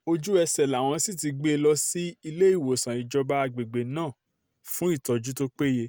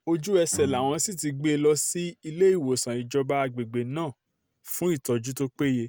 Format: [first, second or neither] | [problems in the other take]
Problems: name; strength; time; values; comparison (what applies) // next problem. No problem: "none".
first | background sound (Bowed string instrument); 17 dB below the speech